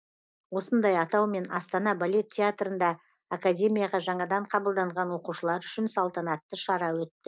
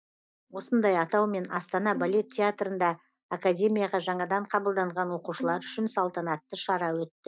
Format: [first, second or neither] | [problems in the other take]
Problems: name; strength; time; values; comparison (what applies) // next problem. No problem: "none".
first | noise reduction (neural mask model DeepFilterNet 3)